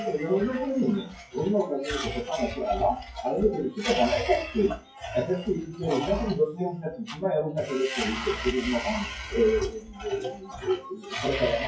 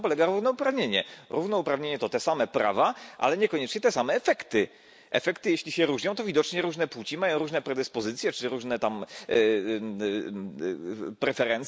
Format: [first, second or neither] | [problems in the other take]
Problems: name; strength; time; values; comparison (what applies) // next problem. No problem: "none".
second | noise reduction (classical method WPE with log-MMSE)